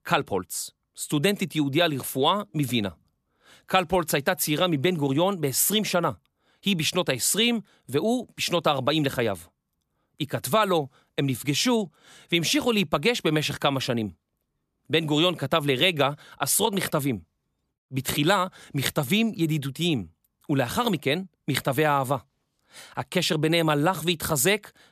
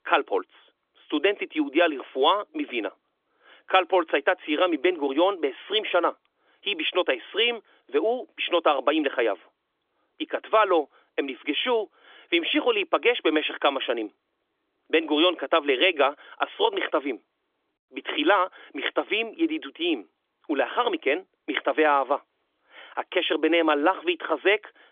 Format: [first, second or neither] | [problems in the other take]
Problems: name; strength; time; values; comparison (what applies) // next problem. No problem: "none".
first | phone-call audio; nothing above 3.5 kHz